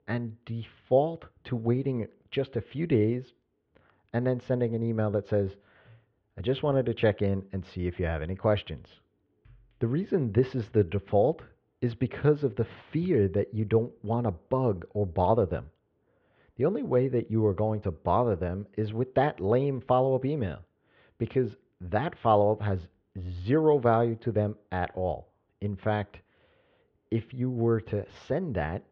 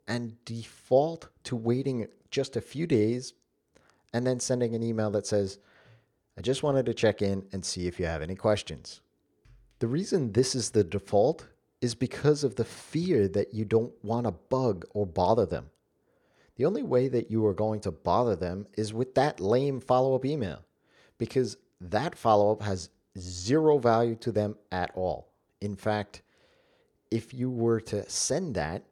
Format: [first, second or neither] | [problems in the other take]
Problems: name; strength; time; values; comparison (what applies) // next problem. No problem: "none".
second | muffled; very; fading above 3 kHz